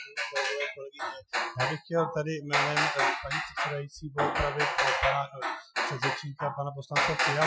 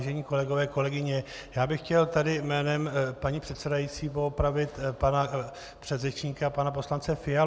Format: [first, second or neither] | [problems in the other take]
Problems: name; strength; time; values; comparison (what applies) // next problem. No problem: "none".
second | noise reduction (classical method Wiener filter)